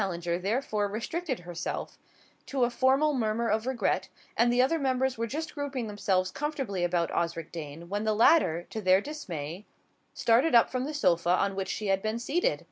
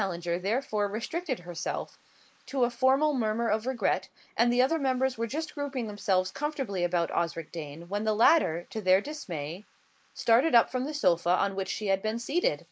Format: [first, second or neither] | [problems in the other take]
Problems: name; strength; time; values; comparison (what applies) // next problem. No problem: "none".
first | noise reduction (neural mask model Resemble Enhance denoiser)